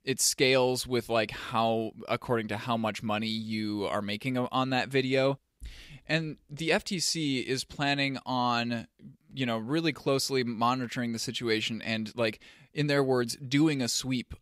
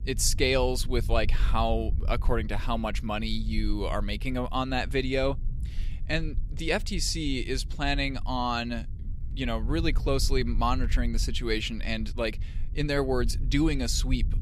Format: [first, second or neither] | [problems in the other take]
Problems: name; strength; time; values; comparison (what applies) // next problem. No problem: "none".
first | low rumble; faint; throughout; 20 dB below the speech